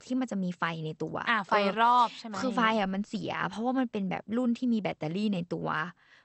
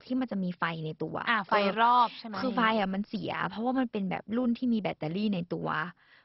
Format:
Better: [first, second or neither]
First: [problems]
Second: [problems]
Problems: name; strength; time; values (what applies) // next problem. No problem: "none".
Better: first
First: garbled, watery; slightly; nothing above 8 kHz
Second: garbled, watery; badly; nothing above 5.5 kHz